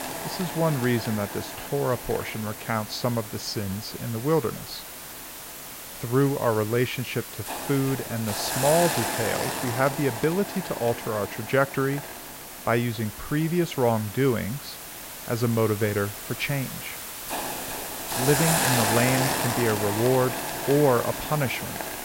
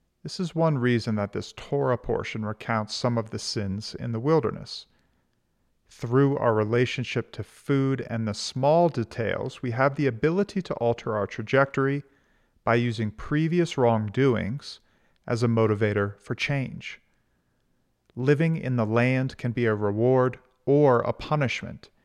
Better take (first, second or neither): second